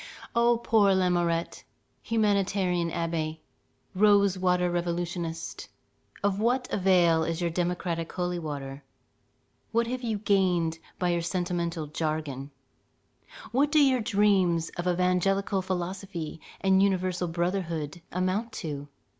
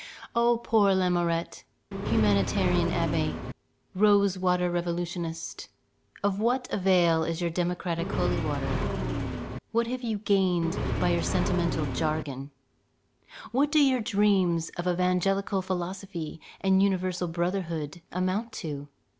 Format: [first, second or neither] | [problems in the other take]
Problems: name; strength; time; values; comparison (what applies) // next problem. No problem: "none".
first | background sound (Accelerating, revving, vroom); 2 dB below the speech